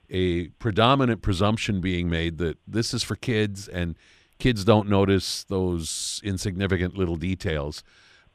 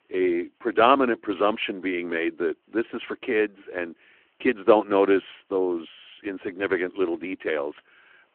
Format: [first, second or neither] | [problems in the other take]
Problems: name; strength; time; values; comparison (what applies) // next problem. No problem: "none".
first | phone-call audio